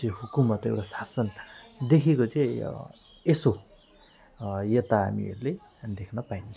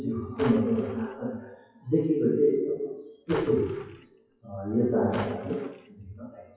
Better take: first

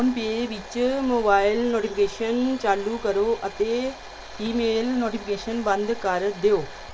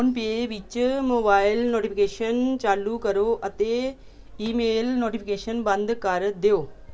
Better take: second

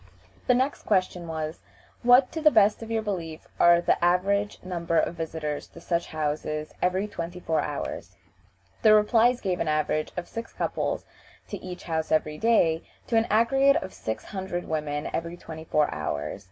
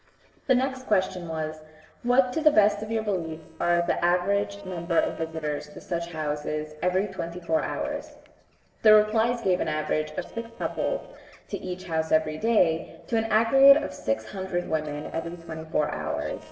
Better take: first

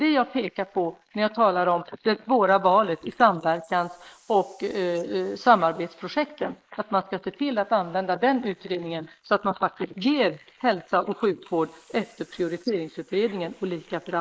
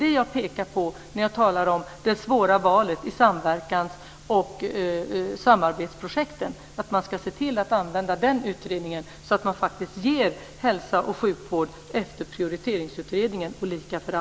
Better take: second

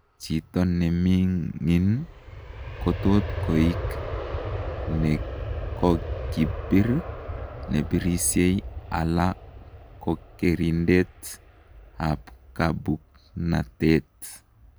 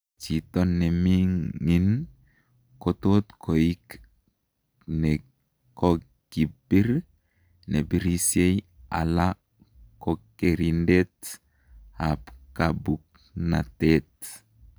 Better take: second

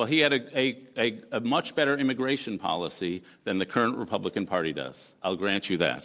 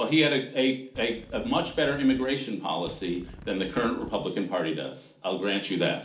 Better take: first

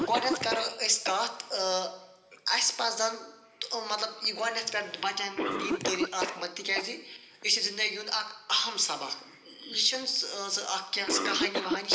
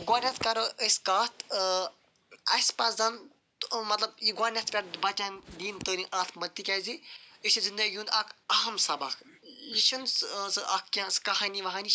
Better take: second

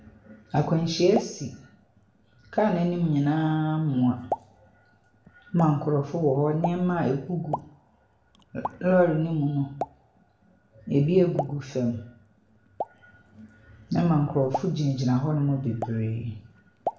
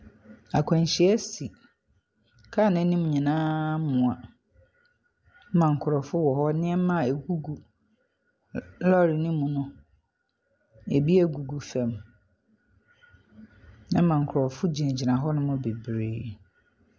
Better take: second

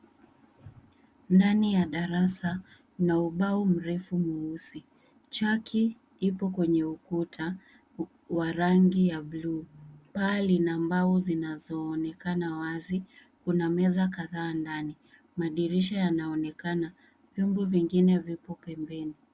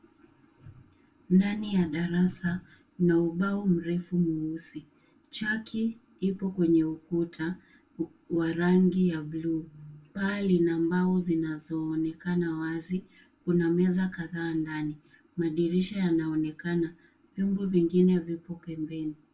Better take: first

